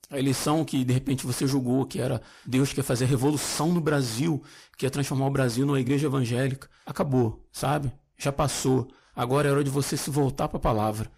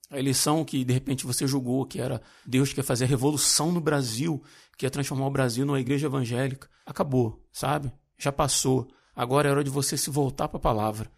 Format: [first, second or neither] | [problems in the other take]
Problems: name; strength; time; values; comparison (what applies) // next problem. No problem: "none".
second | distortion; slight; 10 dB below the speech